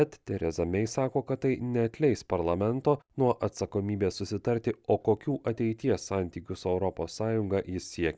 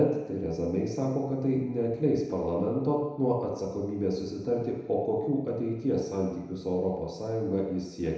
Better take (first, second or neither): first